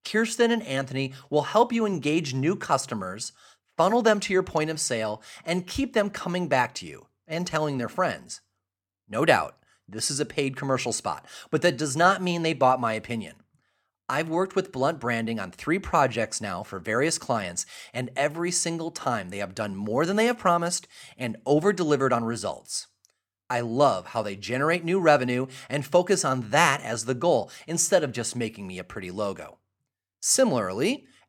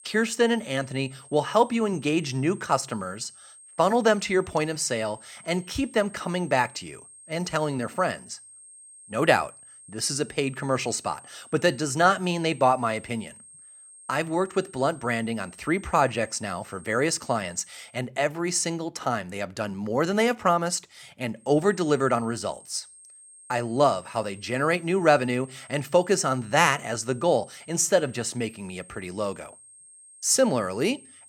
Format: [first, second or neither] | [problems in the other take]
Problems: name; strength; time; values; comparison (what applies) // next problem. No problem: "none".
first | high-pitched whine; faint; until 18 s and from 21 s on; 8.5 kHz, 20 dB below the speech